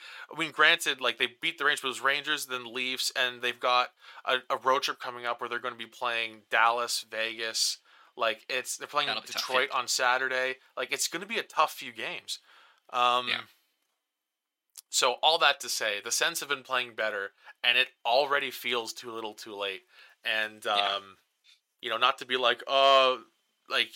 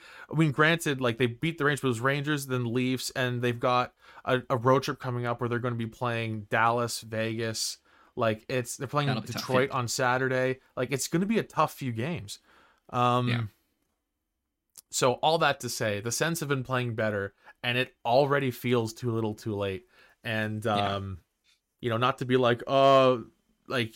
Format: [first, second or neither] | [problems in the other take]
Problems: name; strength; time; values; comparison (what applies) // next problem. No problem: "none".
second | thin; very; fading below 650 Hz